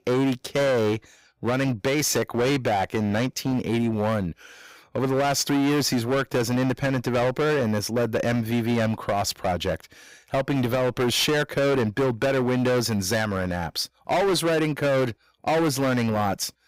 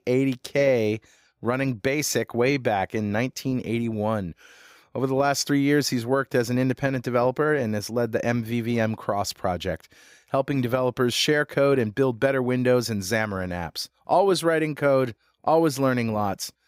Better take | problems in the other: second | distortion; heavy; 21% of the sound clipped

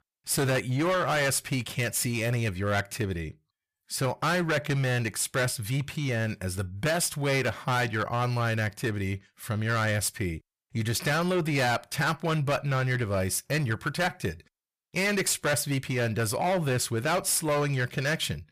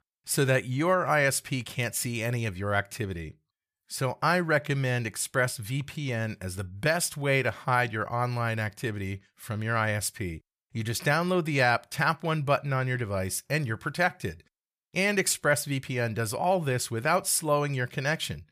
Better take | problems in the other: second | distortion; heavy; 13% of the sound clipped

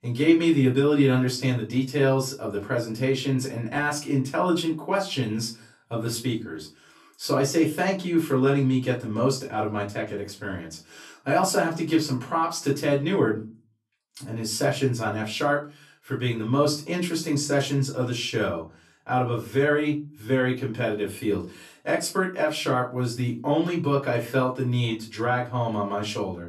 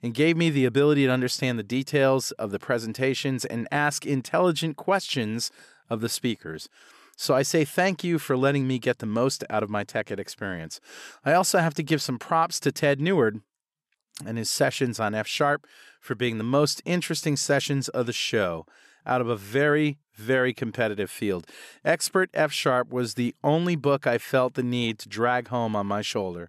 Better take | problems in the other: second | off-mic speech; far // room echo; very slight; dies away in 0.3 s

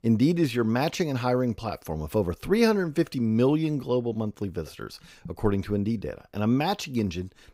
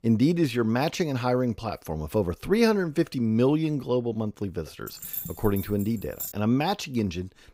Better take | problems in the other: first | jangling keys; noticeable; from 5 to 6.5 s; peak 7 dB below the speech

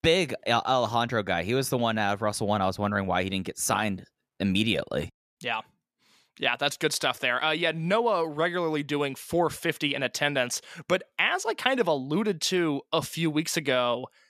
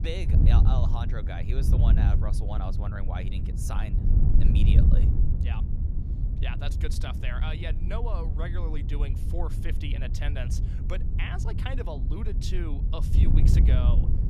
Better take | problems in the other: first | wind noise on the microphone; heavy; 2 dB below the speech

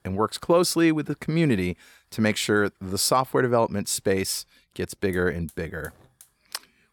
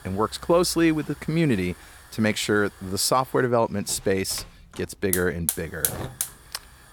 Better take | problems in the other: first | hiss; loud; throughout; 5 dB below the speech; faint in the first

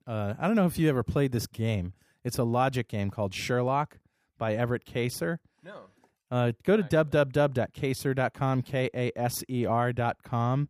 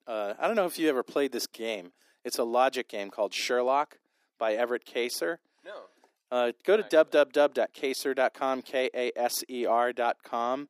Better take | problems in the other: first | thin; somewhat; fading below 300 Hz

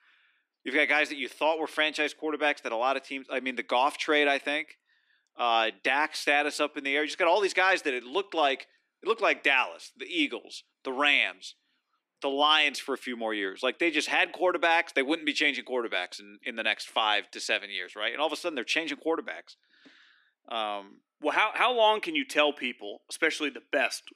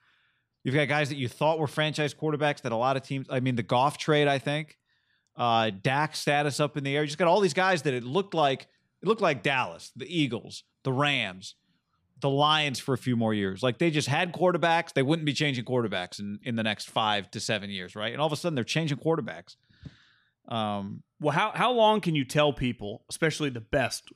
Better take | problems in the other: second | thin; somewhat; fading below 300 Hz

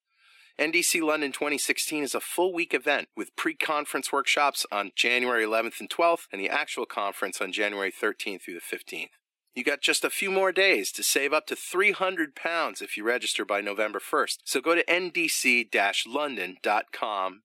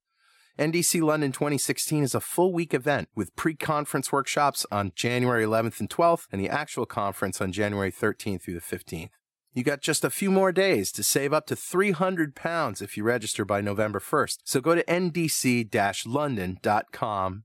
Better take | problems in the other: second | thin; somewhat; fading below 300 Hz

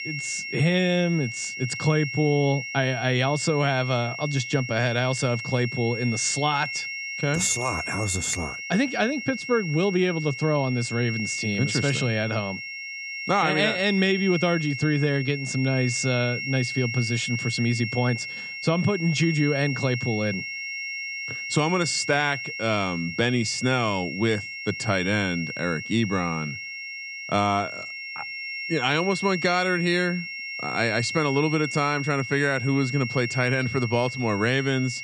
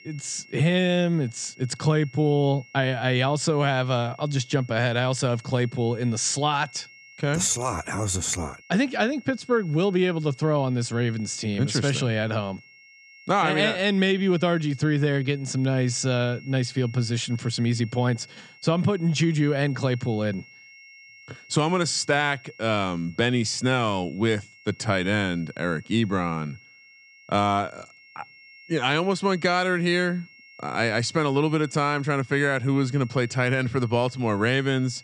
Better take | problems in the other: second | high-pitched whine; loud; throughout; 2 kHz, 6 dB below the speech; faint in the second

